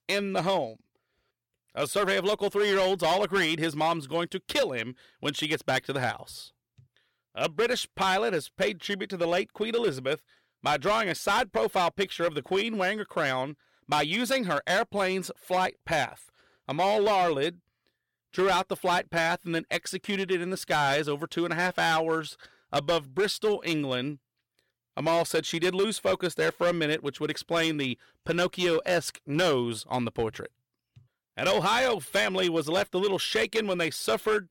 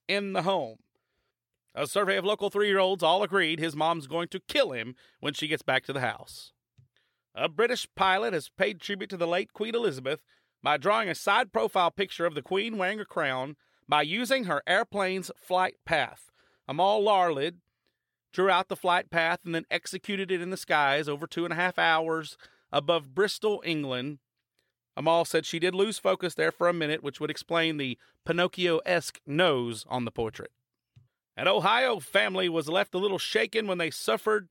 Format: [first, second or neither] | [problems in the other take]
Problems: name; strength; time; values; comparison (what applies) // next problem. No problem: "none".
second | distortion; slight; 7% of the sound clipped